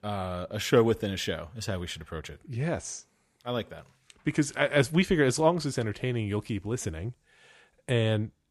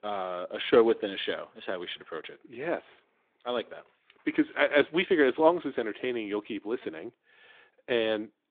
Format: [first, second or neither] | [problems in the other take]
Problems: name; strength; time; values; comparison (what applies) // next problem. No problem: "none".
first | phone-call audio; nothing above 3.5 kHz